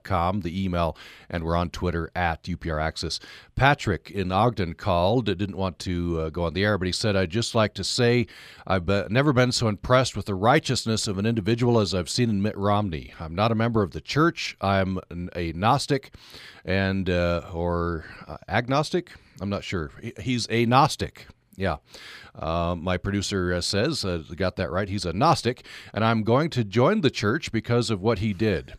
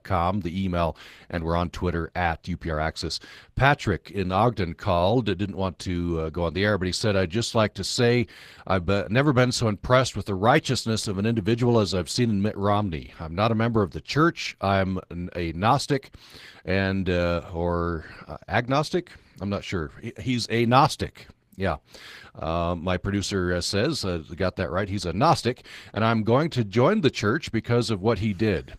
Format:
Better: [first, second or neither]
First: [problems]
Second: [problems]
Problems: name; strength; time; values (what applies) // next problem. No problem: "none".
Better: first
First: none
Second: garbled, watery; slightly; nothing above 15 kHz